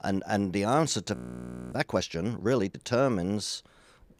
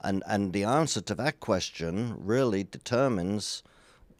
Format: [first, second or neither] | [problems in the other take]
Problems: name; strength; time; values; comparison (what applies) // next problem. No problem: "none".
second | audio freezing; at 1 s for 0.5 s